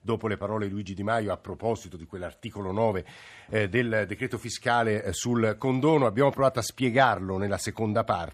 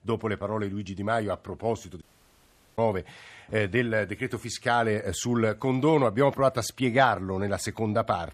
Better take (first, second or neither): first